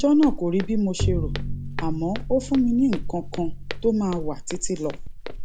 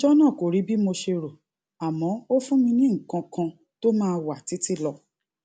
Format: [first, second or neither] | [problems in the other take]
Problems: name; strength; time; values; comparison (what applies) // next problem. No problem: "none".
second | background sound (Walk, footsteps + Bowed string instrument); 4 dB below the speech